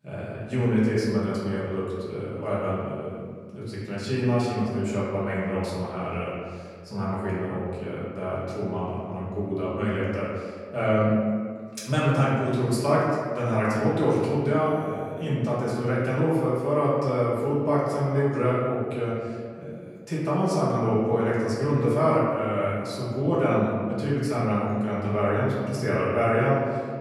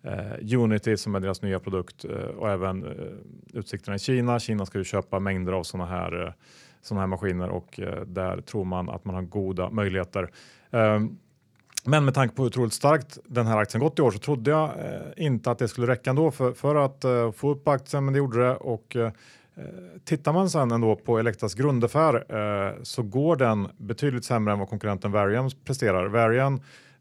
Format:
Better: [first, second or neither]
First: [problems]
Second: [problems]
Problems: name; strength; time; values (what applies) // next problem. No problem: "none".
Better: second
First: room echo; noticeable; dies away in 1.7 s // off-mic speech; far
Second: none